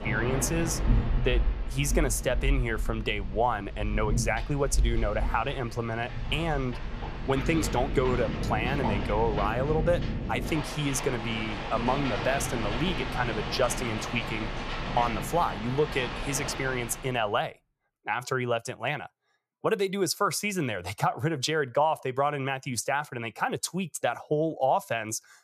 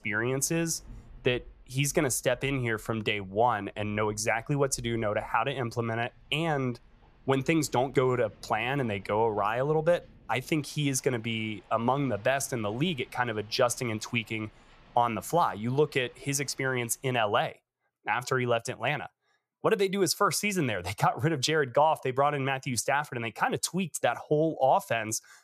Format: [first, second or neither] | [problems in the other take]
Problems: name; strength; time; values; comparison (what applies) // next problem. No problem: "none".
second | rain or running water; loud; until 17 s; 4 dB below the speech; faint in the second